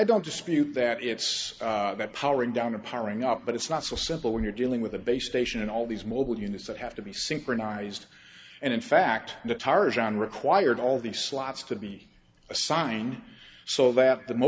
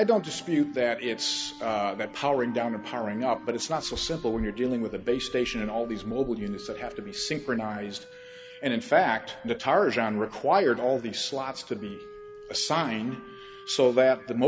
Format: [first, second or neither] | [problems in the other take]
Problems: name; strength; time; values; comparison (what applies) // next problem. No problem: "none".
first | background sound (Wind instrument, woodwind instrument); 19 dB below the speech